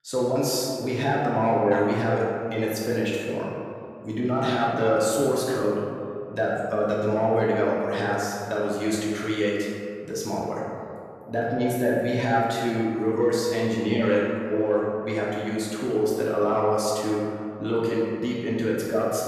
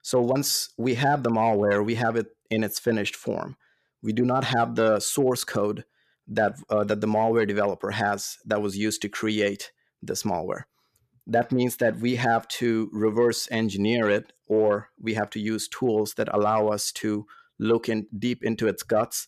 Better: second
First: room echo; noticeable; dies away in 2.1 s // off-mic speech; far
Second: none

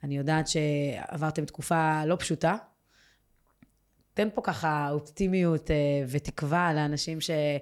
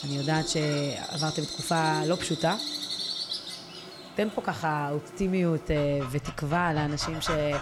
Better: first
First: none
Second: animal sounds; loud; throughout; 6 dB below the speech

